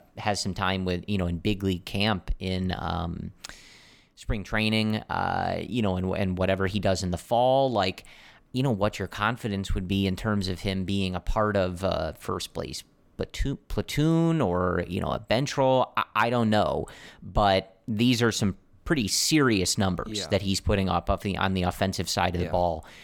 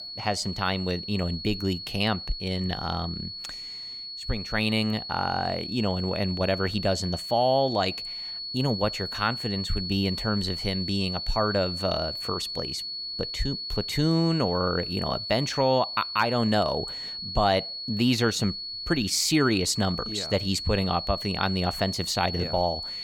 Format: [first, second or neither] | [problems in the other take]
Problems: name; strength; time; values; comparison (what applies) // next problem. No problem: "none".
first | high-pitched whine; loud; throughout; 4.5 kHz, 6 dB below the speech